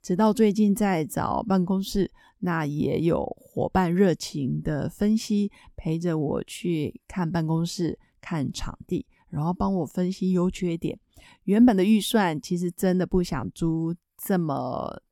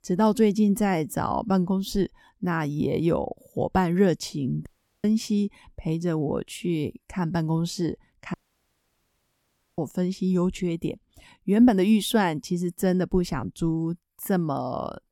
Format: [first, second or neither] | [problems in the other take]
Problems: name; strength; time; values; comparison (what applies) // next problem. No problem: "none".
first | audio cutting out; at 4.5 s and at 8.5 s for 1.5 s